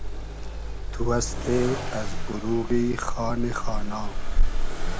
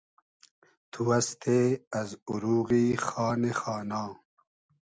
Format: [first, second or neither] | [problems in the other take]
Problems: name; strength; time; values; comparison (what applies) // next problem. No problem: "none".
second | background sound (Accelerating, revving, vroom); 5 dB above the speech